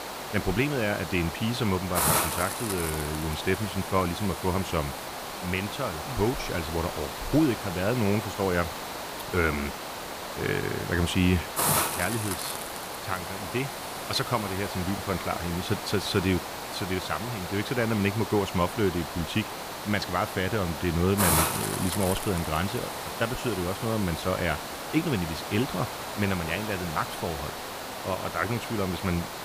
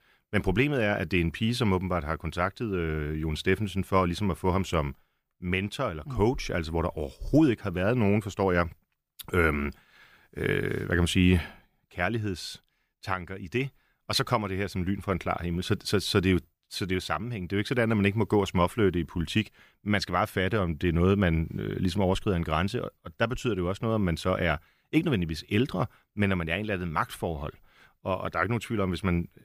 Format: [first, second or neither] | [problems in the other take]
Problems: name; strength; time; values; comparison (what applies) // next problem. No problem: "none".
second | hiss; loud; throughout; 3 dB below the speech